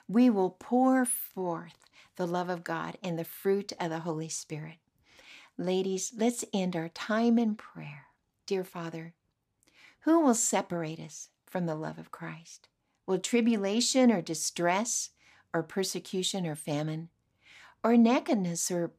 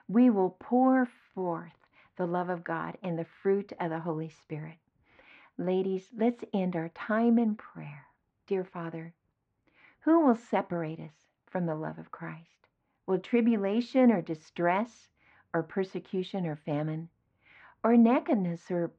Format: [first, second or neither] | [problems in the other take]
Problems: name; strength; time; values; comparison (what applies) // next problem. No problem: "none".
first | muffled; very; fading above 2 kHz